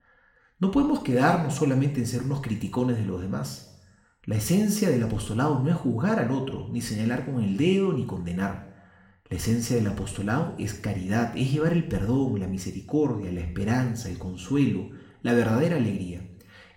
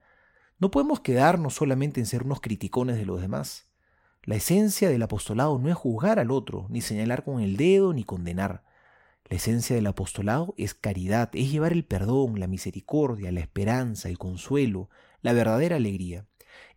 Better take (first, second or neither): second